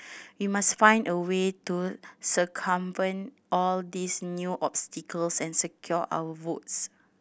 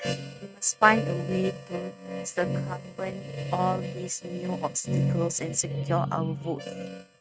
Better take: first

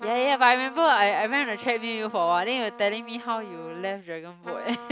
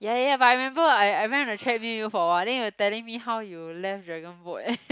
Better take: second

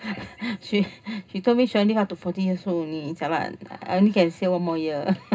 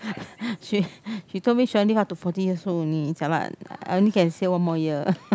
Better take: second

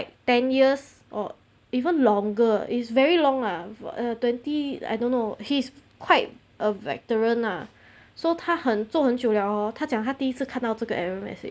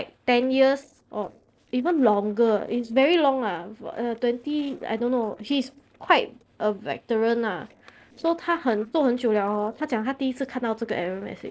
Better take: first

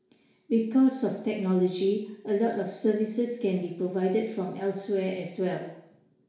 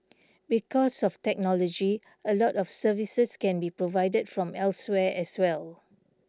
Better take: second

